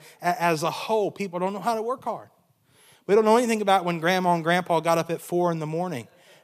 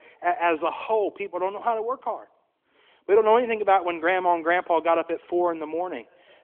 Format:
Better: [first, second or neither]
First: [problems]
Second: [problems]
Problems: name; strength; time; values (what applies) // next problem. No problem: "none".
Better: first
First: none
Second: phone-call audio; nothing above 3.5 kHz